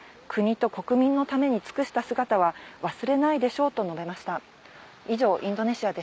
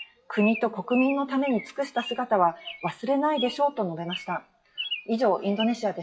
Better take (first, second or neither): first